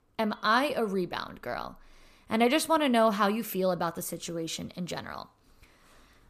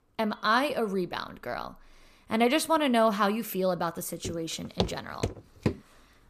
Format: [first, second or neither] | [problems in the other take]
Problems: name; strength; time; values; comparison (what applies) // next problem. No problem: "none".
first | footsteps; noticeable; from 4 to 5.5 s; peak 5 dB below the speech